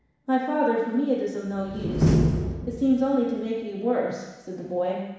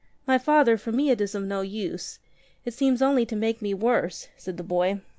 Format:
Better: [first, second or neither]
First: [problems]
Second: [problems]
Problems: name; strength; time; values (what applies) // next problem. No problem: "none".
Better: second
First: background sound (Slam); 3 dB below the speech // room echo; dies away in 1.1 s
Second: none